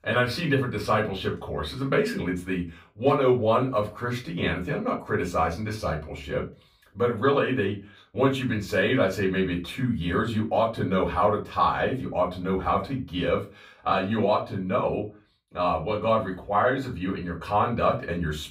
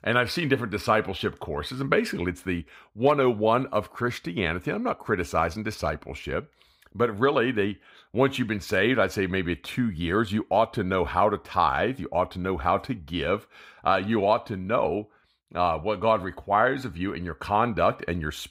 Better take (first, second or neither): second